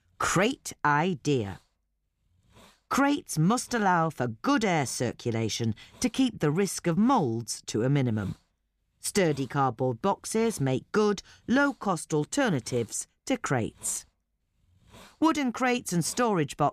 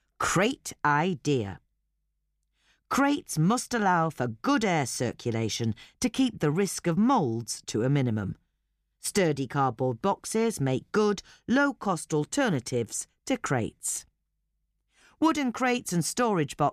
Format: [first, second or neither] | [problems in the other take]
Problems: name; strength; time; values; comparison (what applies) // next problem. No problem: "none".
second | hiss; faint; throughout; 30 dB below the speech